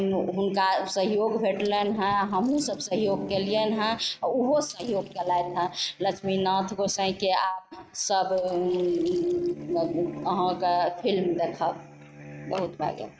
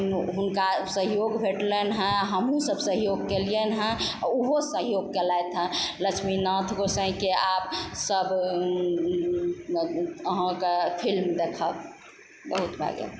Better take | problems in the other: second | noise reduction (neural mask model RNNoise)

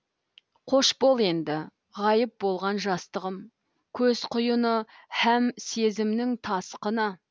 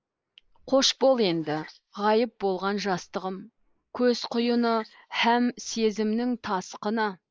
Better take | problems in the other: first | noise reduction (neural mask model Resemble Enhance denoiser)

